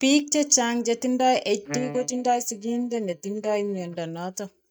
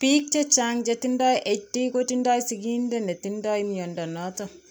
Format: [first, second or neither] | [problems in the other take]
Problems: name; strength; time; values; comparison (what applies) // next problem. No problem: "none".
second | noise reduction (neural mask model DeepFilterNet 3)